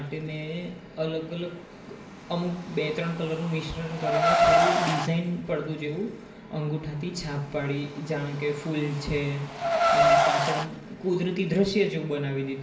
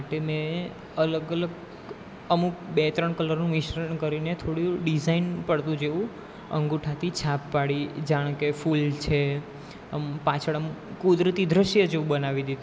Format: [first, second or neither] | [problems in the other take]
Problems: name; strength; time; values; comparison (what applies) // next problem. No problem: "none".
second | background sound (Car); 1 dB above the speech // room echo; dies away in 0.7 s